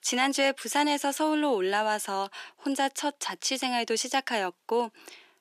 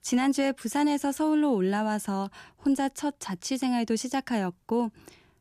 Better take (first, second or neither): second